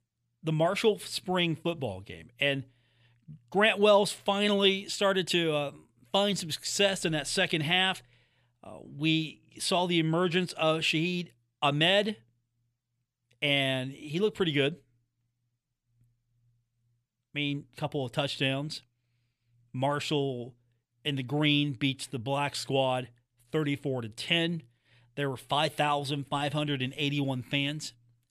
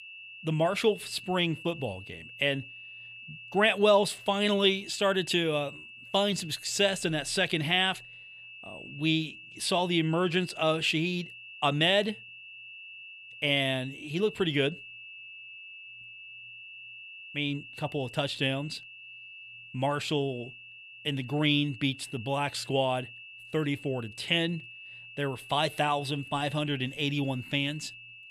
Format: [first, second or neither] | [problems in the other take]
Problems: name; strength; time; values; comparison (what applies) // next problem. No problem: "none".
first | high-pitched whine; noticeable; throughout; 2.5 kHz, 15 dB below the speech